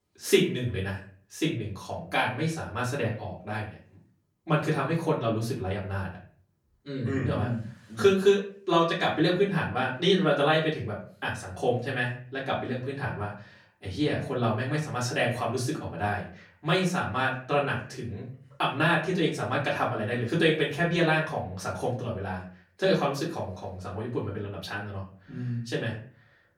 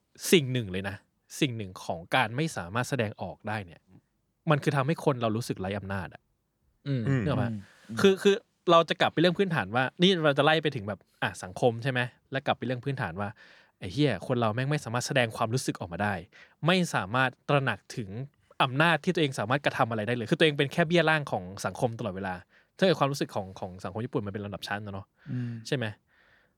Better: second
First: off-mic speech; far // room echo; slight; dies away in 0.4 s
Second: none

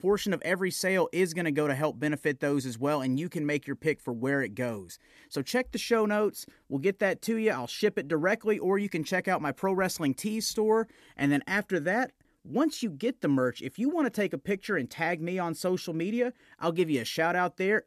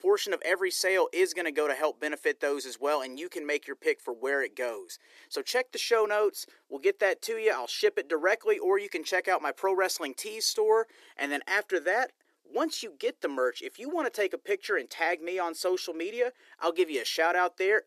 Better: first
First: none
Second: thin; very; fading below 350 Hz

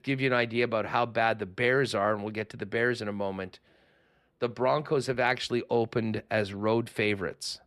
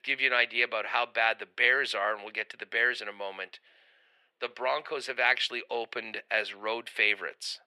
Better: first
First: none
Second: thin; very; fading below 600 Hz

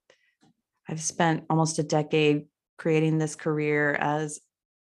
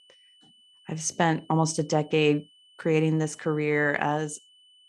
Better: first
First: none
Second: high-pitched whine; faint; throughout; 3 kHz, 30 dB below the speech

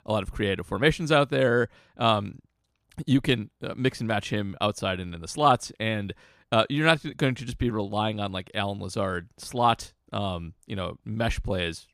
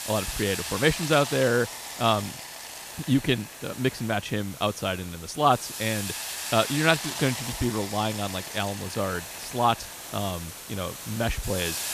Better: first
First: none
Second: hiss; loud; throughout; 7 dB below the speech

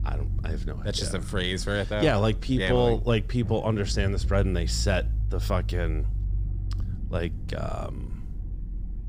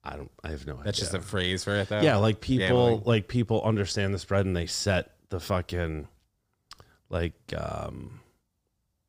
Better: second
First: low rumble; faint; throughout; 20 dB below the speech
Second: none

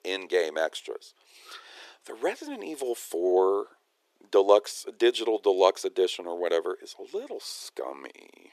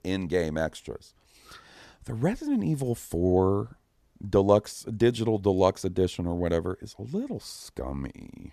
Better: second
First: thin; very; fading below 350 Hz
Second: none

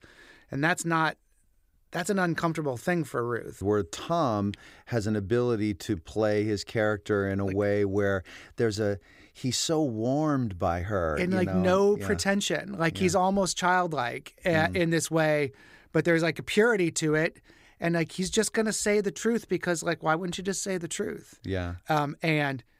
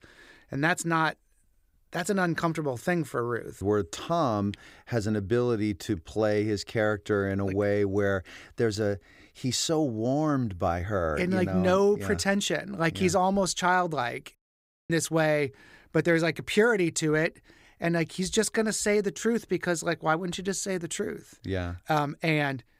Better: first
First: none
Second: audio cutting out; at 14 s for 0.5 s

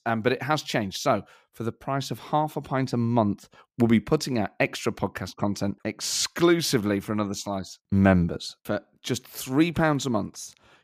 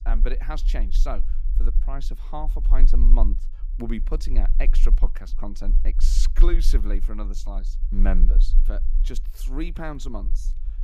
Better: first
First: none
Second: low rumble; noticeable; throughout; 15 dB below the speech

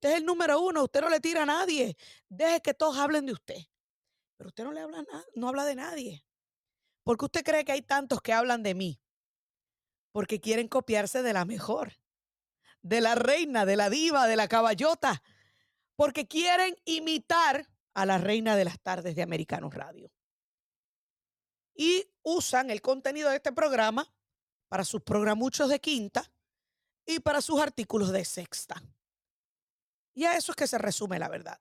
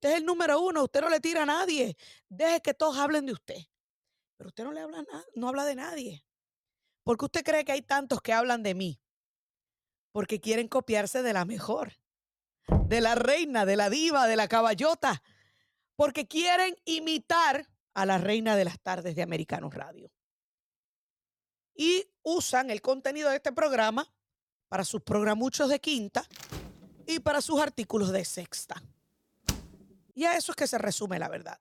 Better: first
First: none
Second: door banging; noticeable; at 13 s and from 26 to 30 s; peak level with the speech

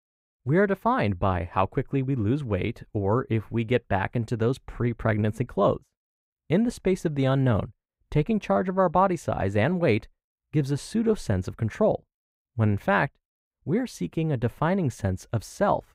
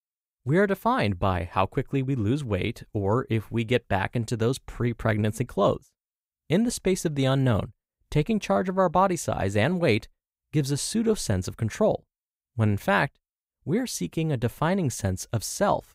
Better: second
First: muffled; slightly; fading above 3.5 kHz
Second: none

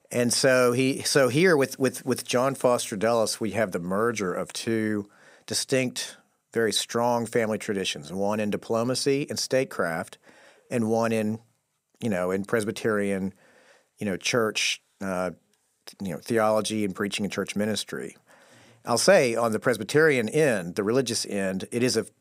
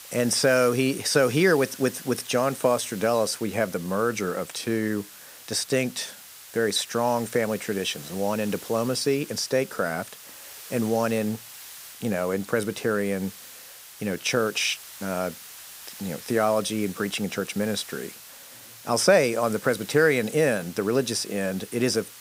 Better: first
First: none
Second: hiss; noticeable; throughout; 15 dB below the speech

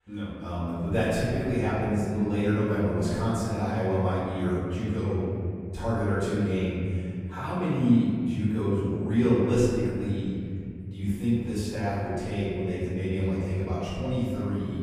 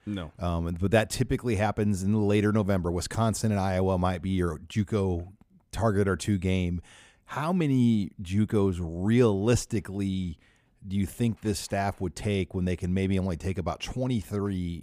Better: second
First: off-mic speech; far // room echo; strong; dies away in 2.4 s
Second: none

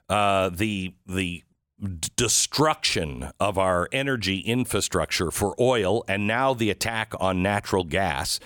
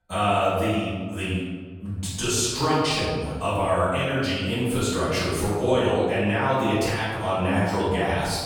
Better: first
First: none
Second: off-mic speech; far // room echo; strong; dies away in 1.5 s

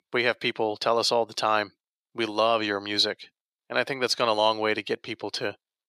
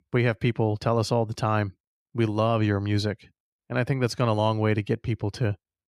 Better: second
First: thin; very; fading below 450 Hz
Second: none

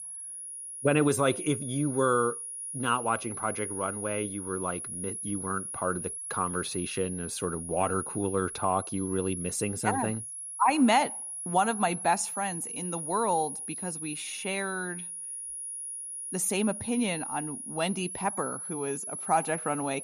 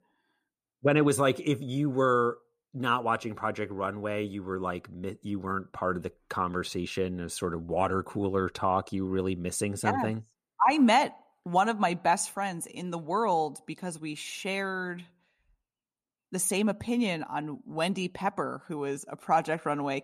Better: second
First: high-pitched whine; loud; throughout; 10.5 kHz, 6 dB below the speech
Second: none

